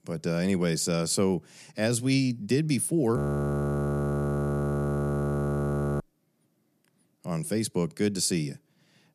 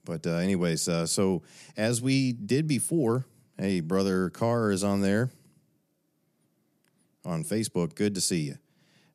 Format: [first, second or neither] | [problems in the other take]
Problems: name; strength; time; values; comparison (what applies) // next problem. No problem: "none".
second | audio freezing; at 3 s for 3 s